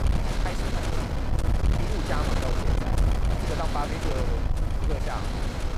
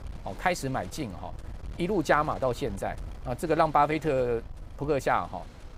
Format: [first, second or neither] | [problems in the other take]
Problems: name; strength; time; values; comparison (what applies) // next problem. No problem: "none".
second | wind noise on the microphone; heavy; 2 dB above the speech; occasional gusts in the second